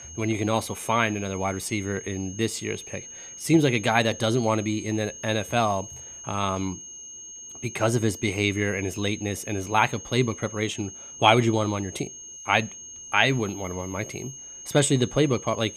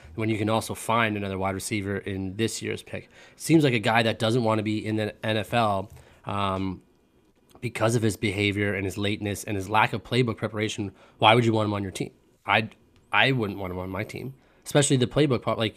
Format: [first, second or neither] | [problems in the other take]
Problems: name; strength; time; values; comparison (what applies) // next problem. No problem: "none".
second | high-pitched whine; noticeable; throughout; 6.5 kHz, 15 dB below the speech